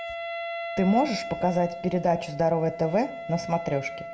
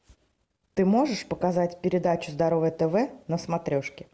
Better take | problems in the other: second | background sound (Wind instrument, woodwind instrument); 9 dB below the speech // room echo; dies away in 1.2 s

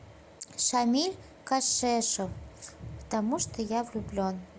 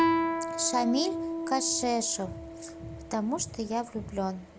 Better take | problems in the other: first | background sound (Guitar); 2 dB below the speech

